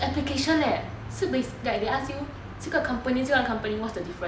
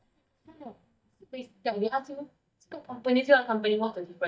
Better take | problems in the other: first | noise reduction (neural mask model DeepFilterNet 3)

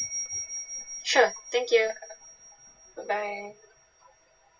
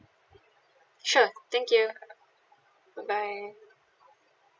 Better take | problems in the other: second | background sound (Bell); 11 dB below the speech // room echo; dies away in 0.4 s

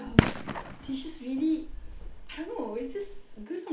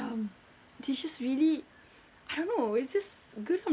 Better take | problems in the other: second | background sound (Fireworks); 3 dB above the speech // room echo; dies away in 0.4 s

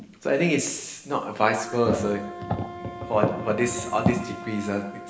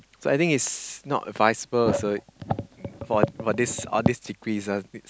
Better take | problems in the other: second | background sound (Wind instrument, woodwind instrument); 14 dB below the speech // room echo; dies away in 0.8 s

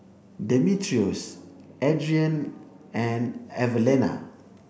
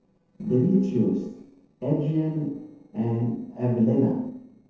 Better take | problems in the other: first | noise reduction (neural separator model SepFormer DNS4)

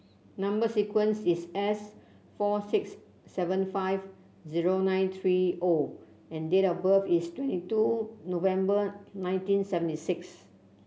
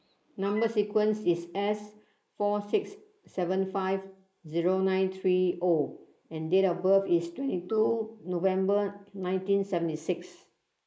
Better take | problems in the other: first | noise reduction (neural mask model Resemble Enhance denoiser)

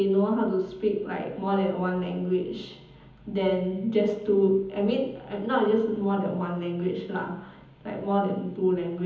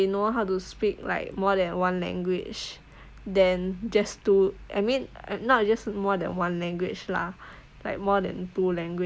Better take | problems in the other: second | room echo; dies away in 1.3 s

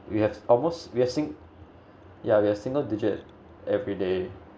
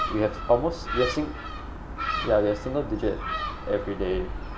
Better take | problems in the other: first | background sound (Gull, seagull); 5 dB below the speech

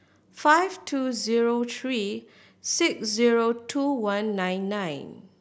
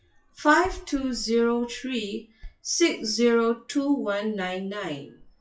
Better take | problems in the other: first | noise reduction (classical method WPE with log-MMSE)

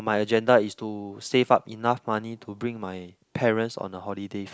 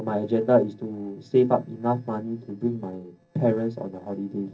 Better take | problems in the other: first | noise reduction (neural separator model SepFormer DNS4)

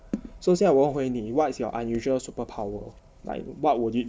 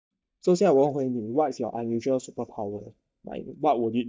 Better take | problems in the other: first | noise reduction (neural mask model DeepFilterNet 3)

